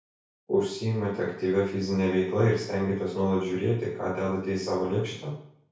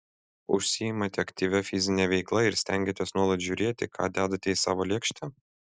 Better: second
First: room echo; dies away in 0.6 s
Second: none

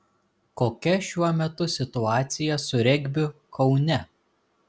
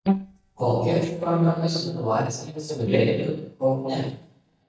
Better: first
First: none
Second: noise reduction (neural mask model DeepFilterNet 3)

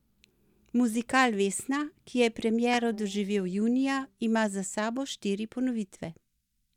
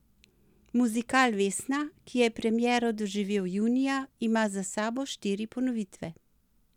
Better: second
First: noise reduction (neural mask model DeepFilterNet 3)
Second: none

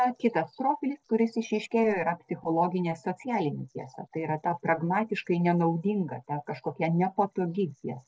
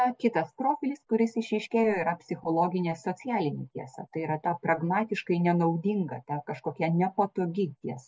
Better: second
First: noise reduction (neural separator model SepFormer DNS4)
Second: none

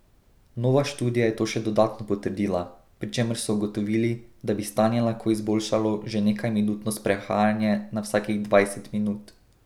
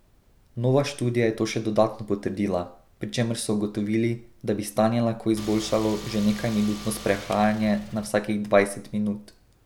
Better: first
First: none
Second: background sound (Car); 15 dB below the speech

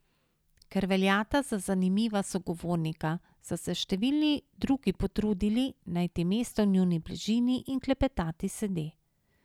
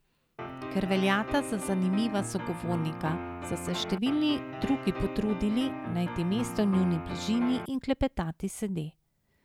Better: first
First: none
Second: background sound (Piano); 7 dB below the speech

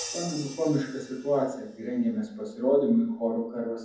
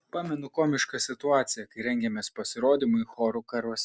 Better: second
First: background sound (Crash cymbal); 17 dB below the speech // room echo; dies away in 0.7 s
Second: none

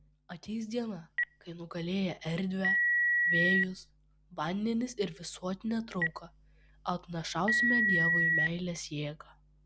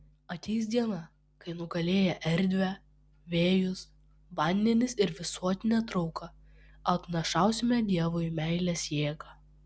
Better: second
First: background sound (Telephone); 4 dB above the speech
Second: none

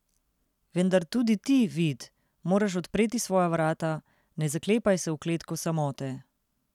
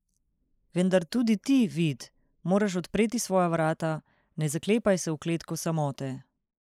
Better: first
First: none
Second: noise reduction (neural mask model Resemble Enhance denoiser)

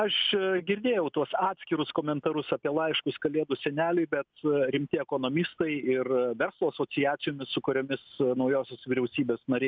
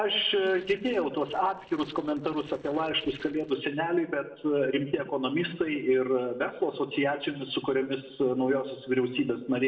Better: first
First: none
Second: noise reduction (neural separator model SepFormer DNS4)

